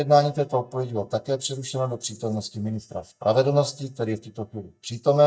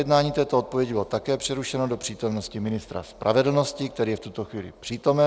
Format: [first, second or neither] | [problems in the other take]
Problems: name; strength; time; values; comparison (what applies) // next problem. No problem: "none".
second | noise reduction (neural mask model DeepFilterNet 3)